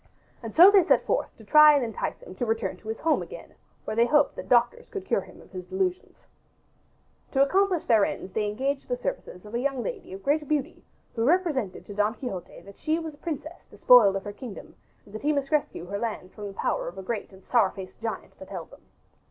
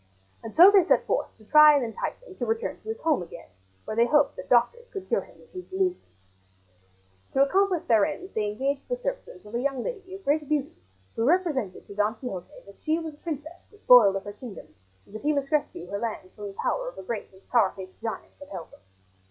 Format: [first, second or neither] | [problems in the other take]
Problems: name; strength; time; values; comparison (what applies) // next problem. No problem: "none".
first | noise reduction (classical method log-MMSE)